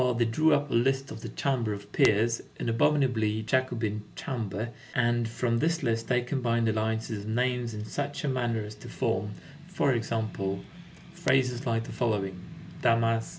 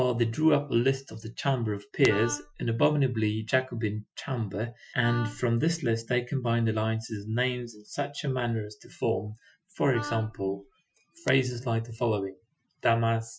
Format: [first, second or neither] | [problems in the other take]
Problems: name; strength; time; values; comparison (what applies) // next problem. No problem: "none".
first | noise reduction (classical method Wiener filter)